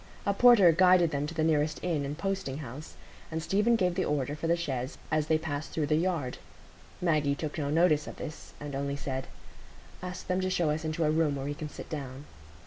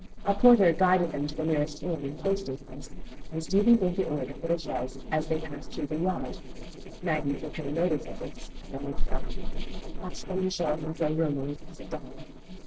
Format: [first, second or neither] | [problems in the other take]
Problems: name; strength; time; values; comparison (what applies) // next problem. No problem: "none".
first | noise reduction (neural separator model SepFormer DNS4)